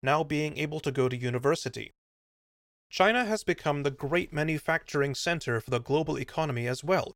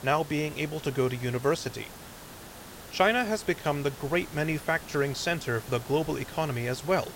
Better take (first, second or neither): first